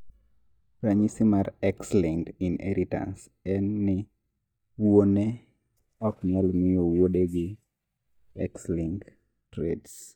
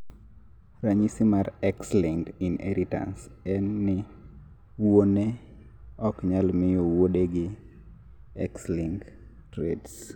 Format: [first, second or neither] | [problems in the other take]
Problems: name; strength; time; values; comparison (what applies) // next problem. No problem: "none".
second | noise reduction (neural mask model DeepFilterNet 3)